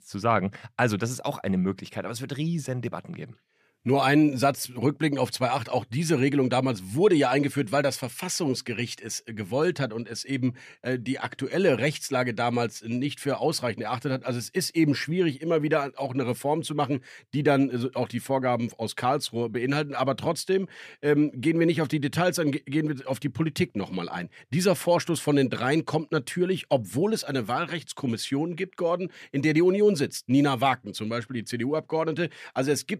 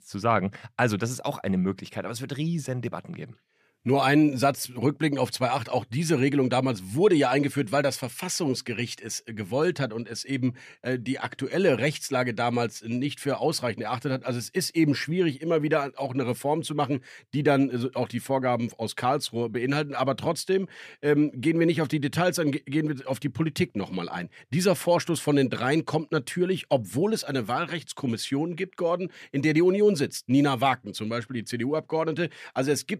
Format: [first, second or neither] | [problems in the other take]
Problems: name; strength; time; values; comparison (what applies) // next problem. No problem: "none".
neither | none